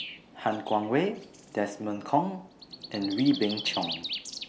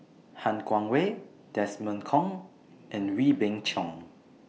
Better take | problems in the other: second | background sound (Bird); 11 dB below the speech

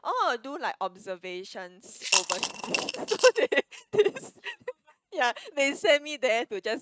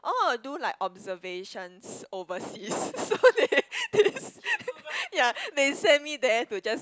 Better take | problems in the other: second | noise reduction (neural mask model RNNoise)

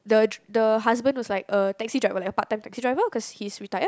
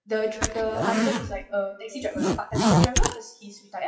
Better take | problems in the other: first | noise reduction (classical method WPE with log-MMSE)

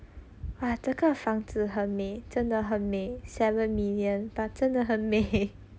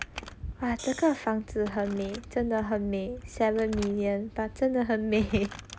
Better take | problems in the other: first | background sound (Hi-hat + Crumpling, crinkling); 18 dB below the speech

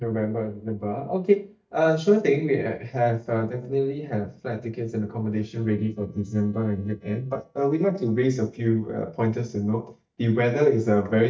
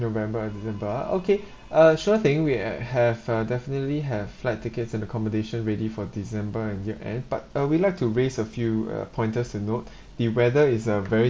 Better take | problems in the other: second | noise reduction (neural mask model DeepFilterNet 3)

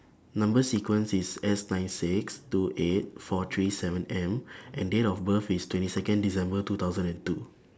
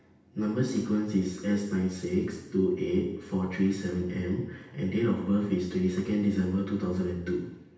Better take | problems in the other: first | room echo; dies away in 0.9 s

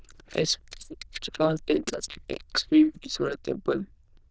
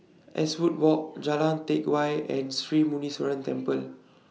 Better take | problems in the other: second | noise reduction (neural diffusion model UNIVERSE++)

